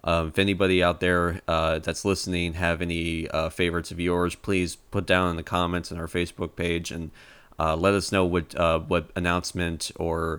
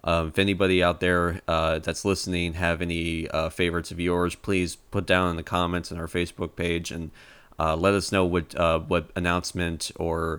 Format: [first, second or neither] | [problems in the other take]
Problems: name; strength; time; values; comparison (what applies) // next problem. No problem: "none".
neither | none